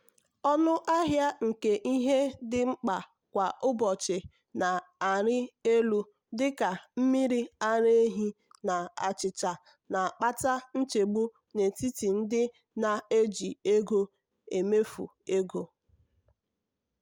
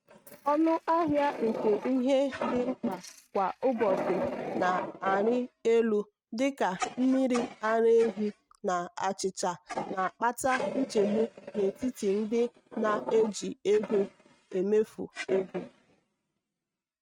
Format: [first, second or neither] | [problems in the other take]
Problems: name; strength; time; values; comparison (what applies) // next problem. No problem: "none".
first | noise reduction (neural mask model RNNoise)